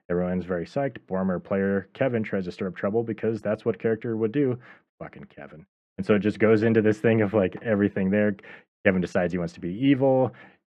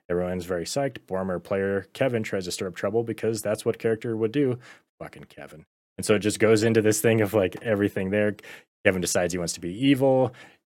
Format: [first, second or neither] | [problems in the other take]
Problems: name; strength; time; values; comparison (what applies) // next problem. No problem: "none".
second | muffled; very; fading above 2 kHz